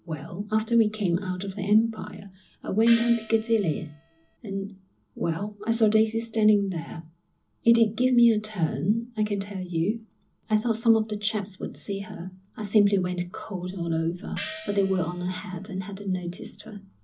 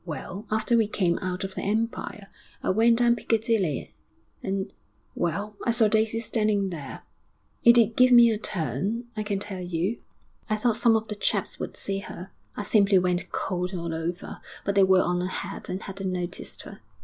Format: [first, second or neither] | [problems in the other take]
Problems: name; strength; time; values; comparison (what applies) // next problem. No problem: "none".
second | background sound (Gong); 15 dB below the speech // room echo; dies away in 0.4 s